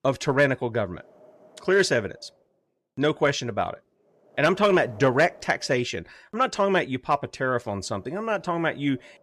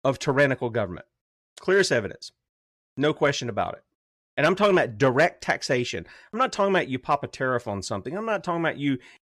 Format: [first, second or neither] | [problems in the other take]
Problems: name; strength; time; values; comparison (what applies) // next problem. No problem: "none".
second | wind noise on the microphone; occasional gusts; 25 dB below the speech